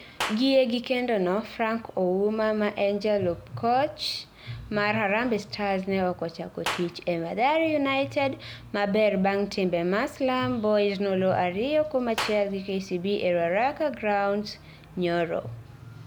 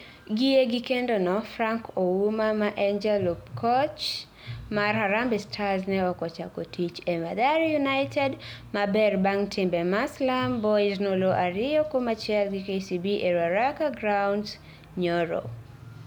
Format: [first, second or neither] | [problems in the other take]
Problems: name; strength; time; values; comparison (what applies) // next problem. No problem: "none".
second | background sound (Clapping); 15 dB below the speech